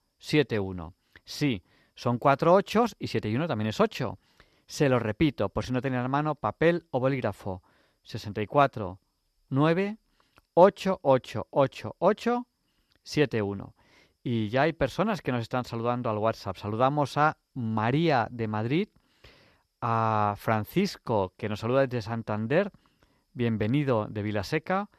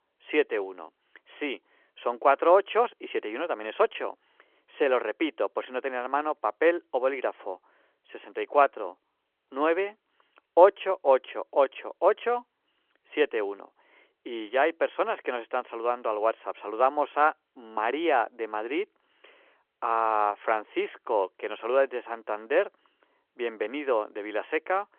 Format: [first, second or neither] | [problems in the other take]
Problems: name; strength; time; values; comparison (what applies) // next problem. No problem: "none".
first | phone-call audio